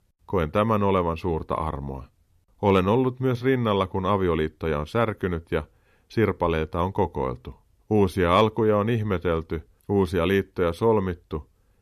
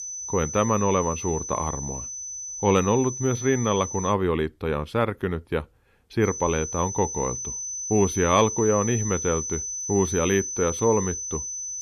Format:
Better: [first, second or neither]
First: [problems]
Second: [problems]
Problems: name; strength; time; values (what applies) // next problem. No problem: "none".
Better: first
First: none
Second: high-pitched whine; loud; until 4 s and from 6 s on; 6 kHz, 6 dB below the speech